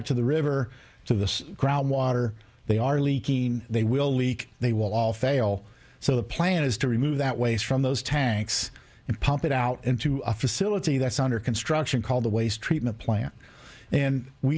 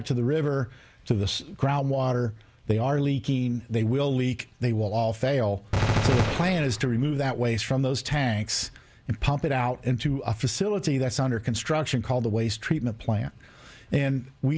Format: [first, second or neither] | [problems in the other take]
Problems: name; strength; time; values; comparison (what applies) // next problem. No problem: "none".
first | background sound (Gunshot, gunfire); 1 dB below the speech